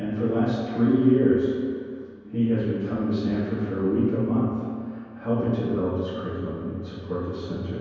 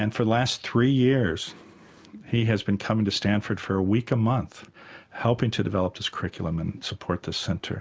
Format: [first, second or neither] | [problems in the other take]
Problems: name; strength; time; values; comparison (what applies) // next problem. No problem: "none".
second | room echo; dies away in 2.2 s